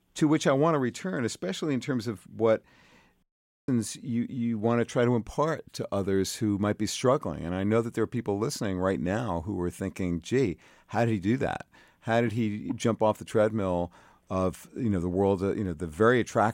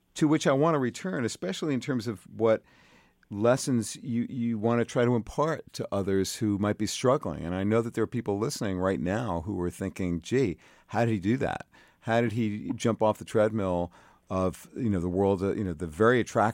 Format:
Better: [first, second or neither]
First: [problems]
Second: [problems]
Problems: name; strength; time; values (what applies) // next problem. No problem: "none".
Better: second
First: audio cutting out; at 3 s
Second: none